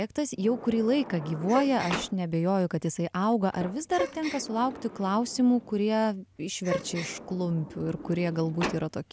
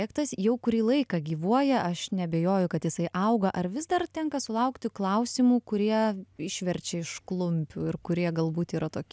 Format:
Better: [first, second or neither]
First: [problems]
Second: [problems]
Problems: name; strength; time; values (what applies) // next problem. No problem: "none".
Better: second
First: background sound (Gasp + Sliding door); 11 dB below the speech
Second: none